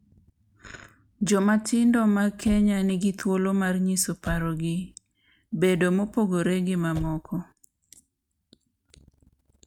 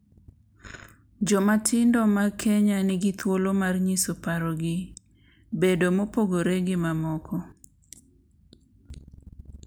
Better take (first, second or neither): second